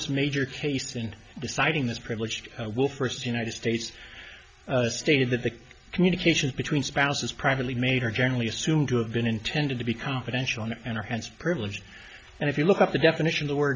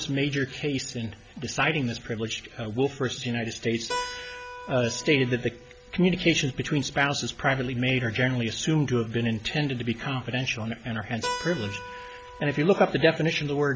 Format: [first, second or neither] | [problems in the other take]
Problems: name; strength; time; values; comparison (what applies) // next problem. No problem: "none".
first | background sound (Keyboard (musical)); 16 dB below the speech